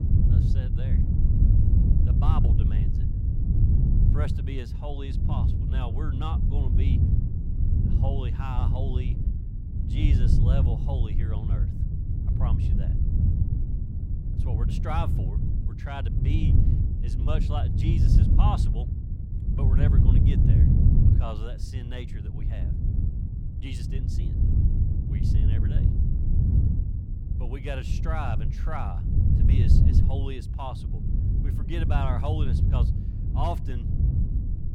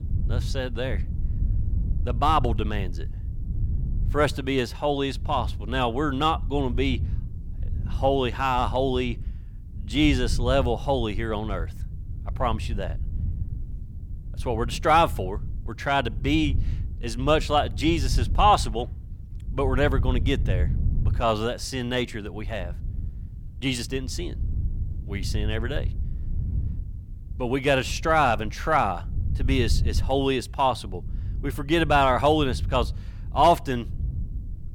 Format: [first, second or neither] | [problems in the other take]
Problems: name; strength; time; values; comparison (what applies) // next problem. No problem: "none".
second | low rumble; loud; throughout; 1 dB below the speech; faint in the second